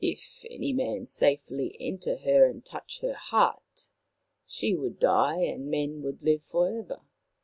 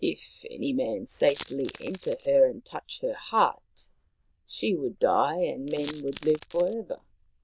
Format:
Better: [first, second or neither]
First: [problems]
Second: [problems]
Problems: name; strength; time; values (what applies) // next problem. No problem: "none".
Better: first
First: none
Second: noise reduction (neural diffusion model UNIVERSE++)